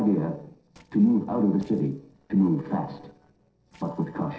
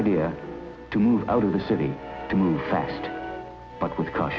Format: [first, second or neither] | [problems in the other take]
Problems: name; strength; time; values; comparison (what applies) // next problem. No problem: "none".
second | noise reduction (neural separator model SepFormer DNS4)